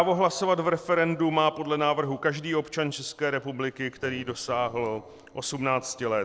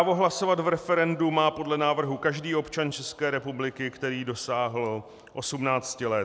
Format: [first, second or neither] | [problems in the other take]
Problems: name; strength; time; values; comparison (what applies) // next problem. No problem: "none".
second | noise reduction (neural separator model SepFormer DNS4)